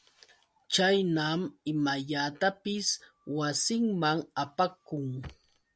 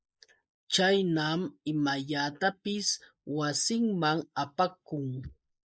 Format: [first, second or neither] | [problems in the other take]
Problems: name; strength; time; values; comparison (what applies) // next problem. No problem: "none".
first | noise reduction (neural mask model Resemble Enhance denoiser)